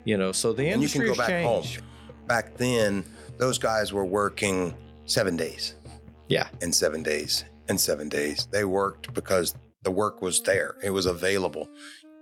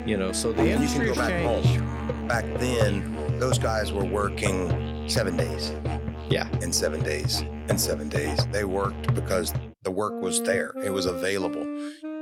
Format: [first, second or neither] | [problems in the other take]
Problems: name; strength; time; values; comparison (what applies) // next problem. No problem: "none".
first | background music; loud; throughout; 2 dB below the speech; faint in the first